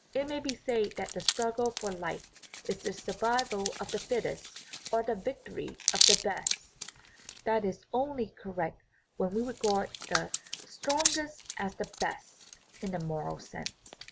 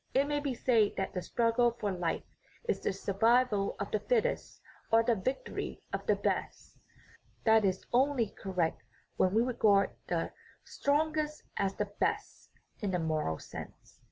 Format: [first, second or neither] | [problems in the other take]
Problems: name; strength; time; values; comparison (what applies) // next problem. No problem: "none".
second | background sound (Hands); 3 dB below the speech